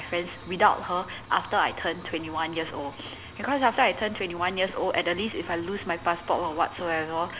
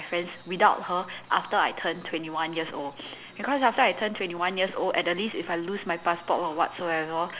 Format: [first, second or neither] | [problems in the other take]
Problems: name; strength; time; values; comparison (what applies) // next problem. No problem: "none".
second | background sound (Engine); 18 dB below the speech